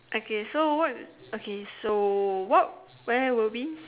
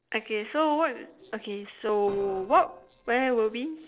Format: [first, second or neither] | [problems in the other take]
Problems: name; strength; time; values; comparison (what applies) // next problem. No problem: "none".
first | noise reduction (neural separator model SepFormer DNS4)